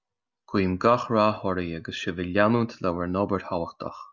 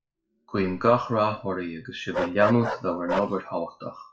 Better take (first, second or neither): first